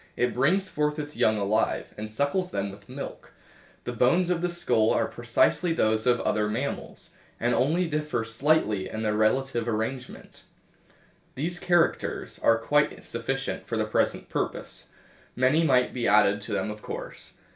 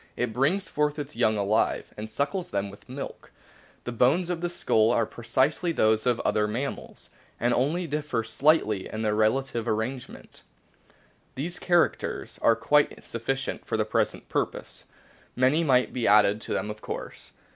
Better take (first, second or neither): second